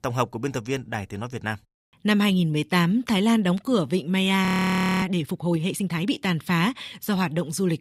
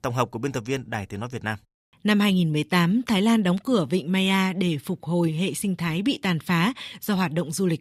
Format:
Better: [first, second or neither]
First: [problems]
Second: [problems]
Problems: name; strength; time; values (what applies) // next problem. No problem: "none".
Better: second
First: audio freezing; at 4.5 s for 0.5 s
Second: none